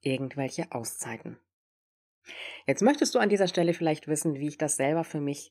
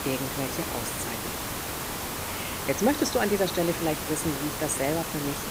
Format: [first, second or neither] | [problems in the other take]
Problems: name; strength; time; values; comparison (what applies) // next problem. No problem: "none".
first | hiss; loud; throughout; 3 dB below the speech